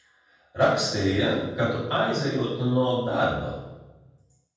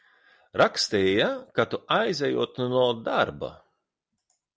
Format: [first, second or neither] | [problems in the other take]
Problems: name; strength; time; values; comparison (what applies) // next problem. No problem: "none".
second | room echo; dies away in 1.2 s